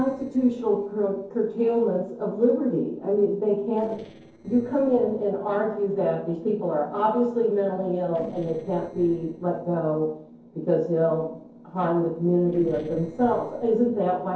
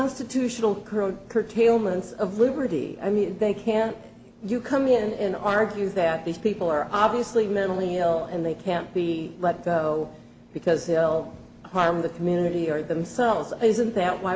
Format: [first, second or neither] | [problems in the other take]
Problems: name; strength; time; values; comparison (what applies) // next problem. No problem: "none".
second | noise reduction (neural separator model SepFormer DNS4)